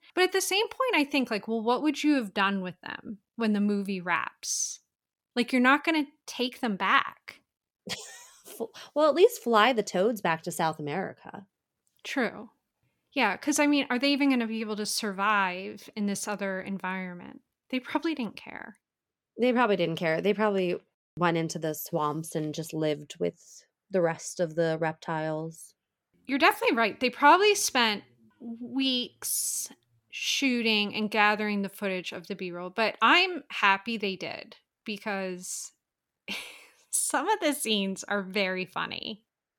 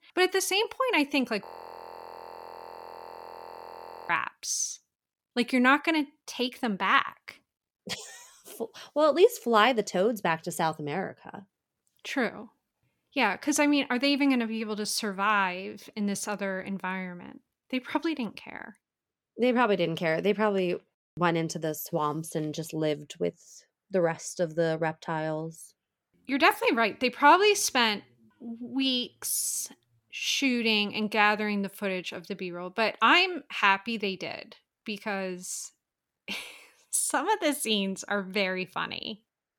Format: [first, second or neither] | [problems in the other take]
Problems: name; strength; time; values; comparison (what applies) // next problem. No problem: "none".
first | audio freezing; at 1.5 s for 2.5 s